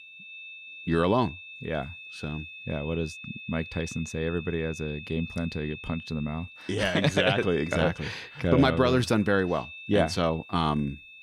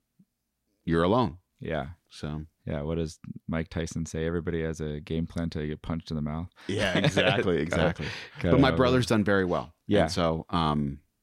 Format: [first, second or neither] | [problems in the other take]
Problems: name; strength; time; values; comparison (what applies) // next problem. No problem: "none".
second | high-pitched whine; noticeable; throughout; 2.5 kHz, 15 dB below the speech